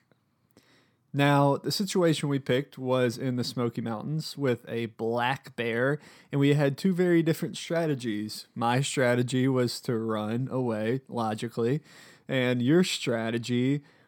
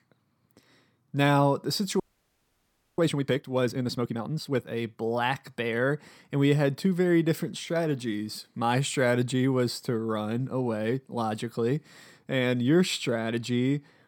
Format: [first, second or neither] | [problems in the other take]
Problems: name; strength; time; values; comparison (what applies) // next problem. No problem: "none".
first | audio freezing; at 2 s for 1 s